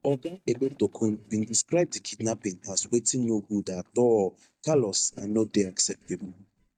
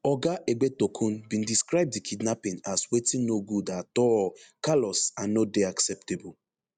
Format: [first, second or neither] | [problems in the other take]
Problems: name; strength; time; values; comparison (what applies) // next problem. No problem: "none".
second | noise reduction (neural mask model DeepFilterNet 3)